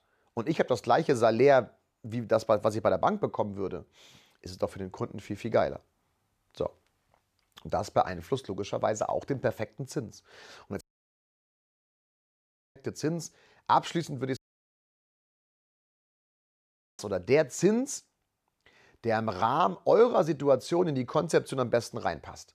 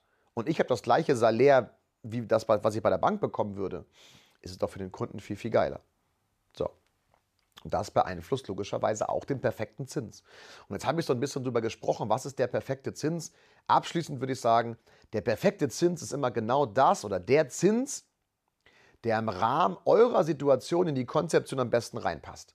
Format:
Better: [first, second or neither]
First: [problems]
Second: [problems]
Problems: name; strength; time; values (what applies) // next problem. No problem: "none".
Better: second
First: audio cutting out; at 11 s for 2 s and at 14 s for 2.5 s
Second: none